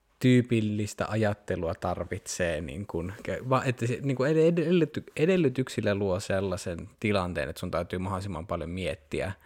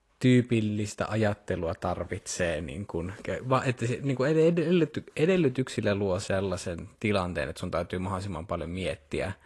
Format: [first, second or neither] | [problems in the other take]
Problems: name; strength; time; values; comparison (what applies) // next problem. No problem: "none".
first | garbled, watery; slightly